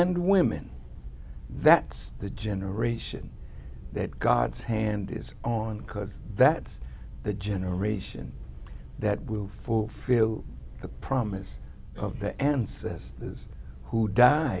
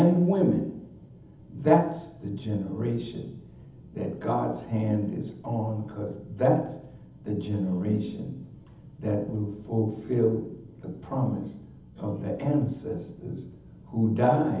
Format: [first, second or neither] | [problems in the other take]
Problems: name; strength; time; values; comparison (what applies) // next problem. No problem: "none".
first | room echo; dies away in 0.8 s